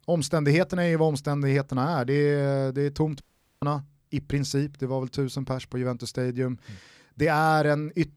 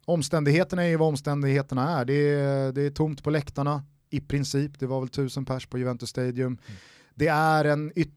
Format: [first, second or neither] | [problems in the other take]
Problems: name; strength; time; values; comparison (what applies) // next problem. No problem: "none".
second | audio cutting out; at 3 s